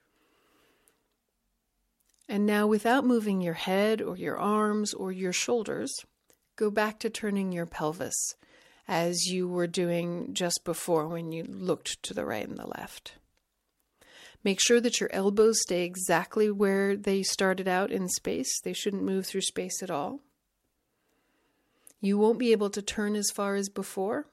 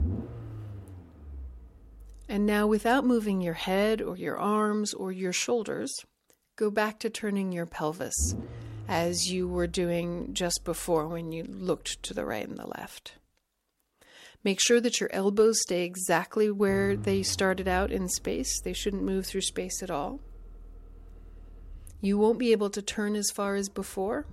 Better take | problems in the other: first | low rumble; faint; until 4 s, from 8 to 12 s and from 17 s on; 25 dB below the speech

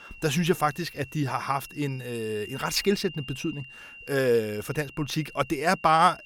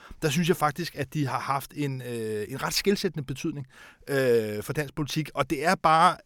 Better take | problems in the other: second | high-pitched whine; noticeable; throughout; 3 kHz, 15 dB below the speech

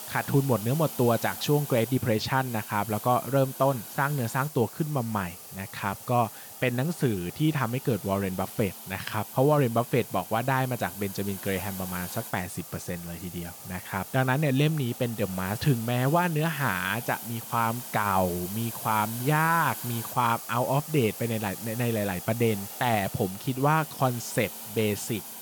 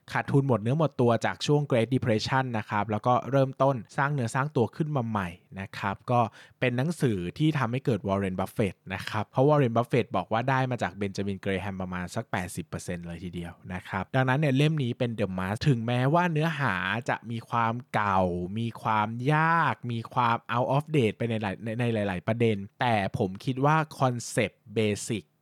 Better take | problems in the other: second | hiss; noticeable; throughout; 10 dB below the speech

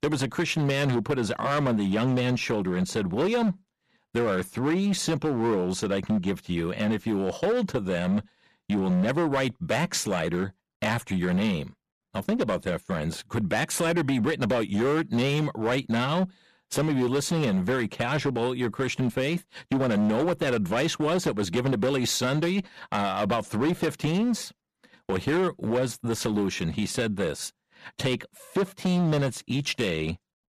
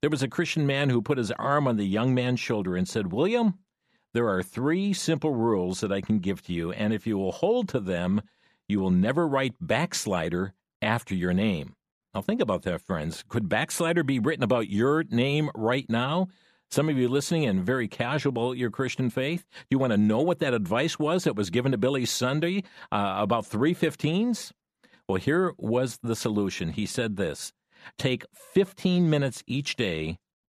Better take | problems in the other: second | distortion; slight; 12% of the sound clipped

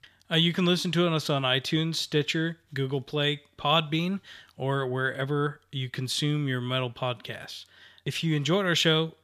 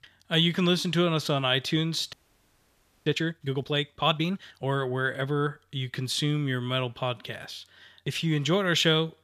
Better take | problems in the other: first | audio freezing; at 2 s for 1 s

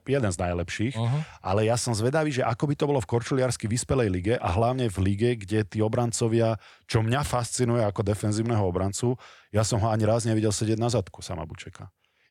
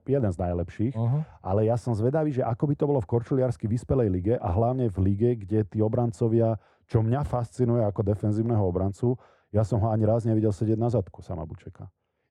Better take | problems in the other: first | muffled; very; fading above 1.5 kHz

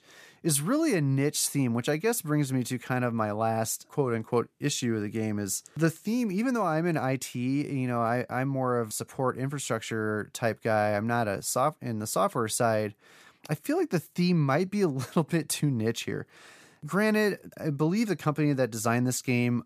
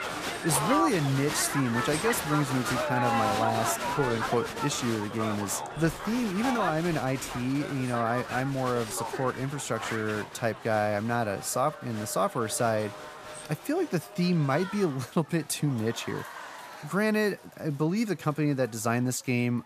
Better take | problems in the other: first | crowd noise; loud; throughout; 5 dB below the speech

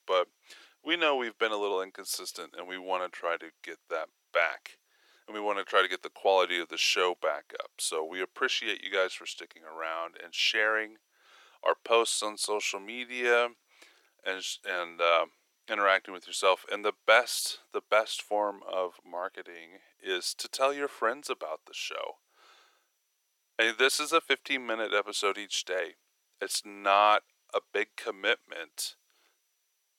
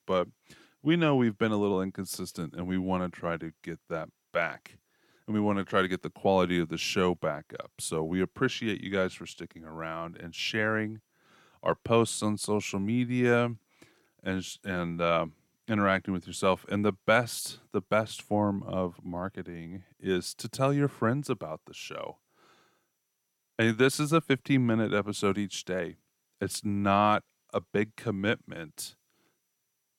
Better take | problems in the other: second | thin; very; fading below 450 Hz

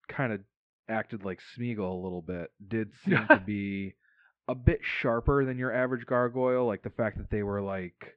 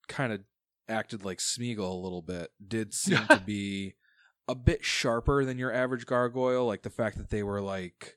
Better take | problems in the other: second | muffled; very; fading above 2.5 kHz

